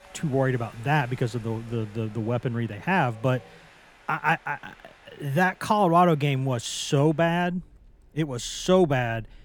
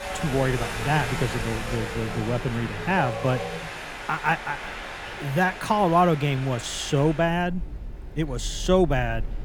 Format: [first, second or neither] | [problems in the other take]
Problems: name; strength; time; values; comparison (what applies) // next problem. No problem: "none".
first | wind in the background; loud; throughout; 8 dB below the speech; faint in the first